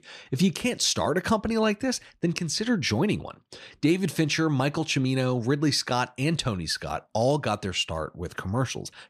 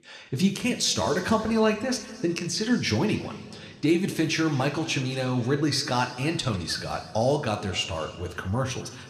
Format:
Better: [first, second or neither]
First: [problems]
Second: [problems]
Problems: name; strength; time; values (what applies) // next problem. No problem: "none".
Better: first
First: none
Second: room echo; slight; dies away in 1.8 s